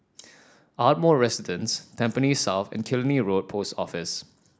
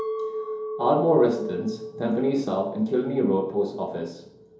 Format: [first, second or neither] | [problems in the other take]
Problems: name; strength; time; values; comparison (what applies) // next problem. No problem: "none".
first | background sound (Chink, clink); 10 dB below the speech // room echo; dies away in 2.8 s